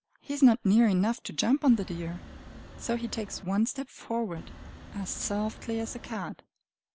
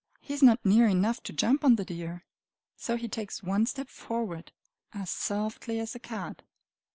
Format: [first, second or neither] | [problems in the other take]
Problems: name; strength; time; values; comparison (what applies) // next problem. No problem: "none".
second | background sound (Wind); 16 dB below the speech